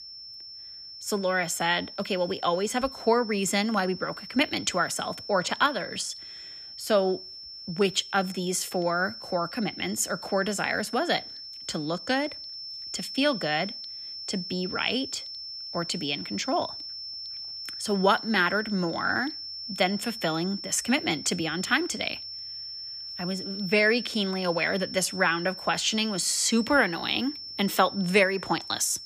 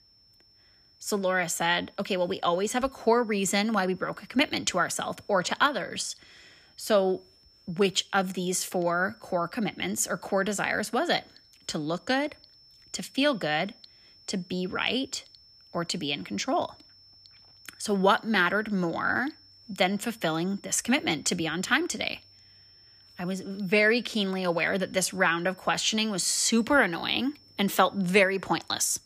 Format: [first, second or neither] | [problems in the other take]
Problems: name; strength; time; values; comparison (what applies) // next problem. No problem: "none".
second | high-pitched whine; loud; throughout; 5.5 kHz, 10 dB below the speech; faint in the second